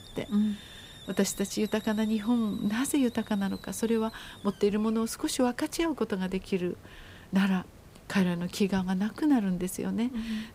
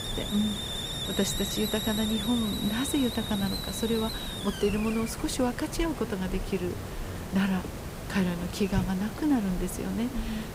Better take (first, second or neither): first